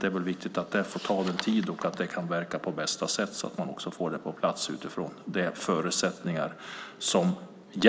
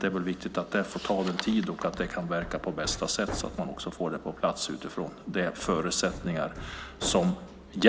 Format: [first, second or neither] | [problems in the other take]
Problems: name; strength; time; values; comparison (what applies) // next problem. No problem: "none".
first | background sound (Hammer); 14 dB below the speech